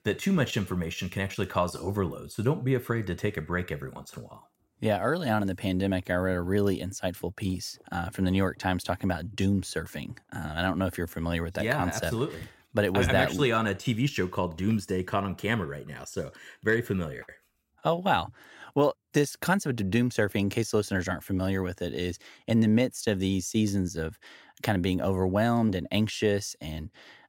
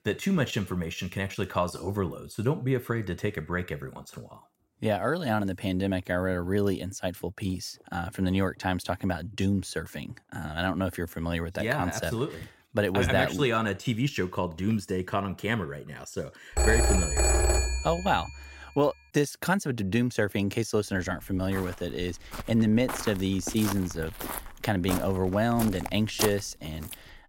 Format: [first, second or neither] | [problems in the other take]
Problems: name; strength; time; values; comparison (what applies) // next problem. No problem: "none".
first | phone ringing; loud; from 17 to 18 s; peak 6 dB above the speech // footsteps; noticeable; from 21 s on; peak 1 dB below the speech